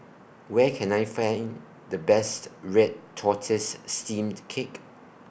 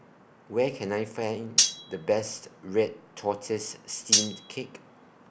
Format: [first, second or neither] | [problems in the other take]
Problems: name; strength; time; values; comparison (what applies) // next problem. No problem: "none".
first | background sound (Cutlery, silverware); 3 dB above the speech